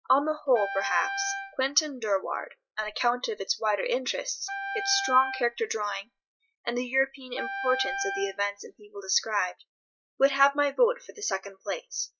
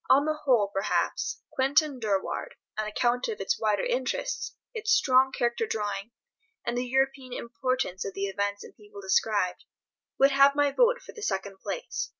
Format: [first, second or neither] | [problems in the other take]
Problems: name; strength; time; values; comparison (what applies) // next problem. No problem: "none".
second | noise reduction (classical method log-MMSE)